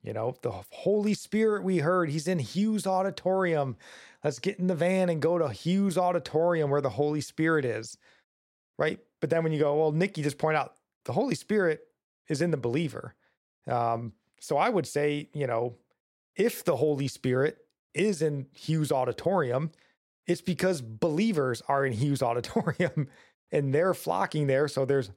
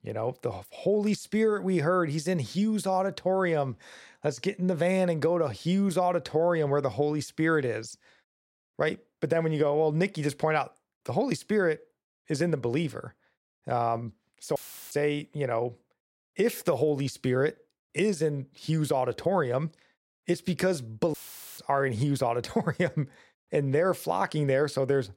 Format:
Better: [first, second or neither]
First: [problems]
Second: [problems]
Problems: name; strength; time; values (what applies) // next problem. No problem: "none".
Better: first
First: none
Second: audio cutting out; filled with static; at 15 s and at 21 s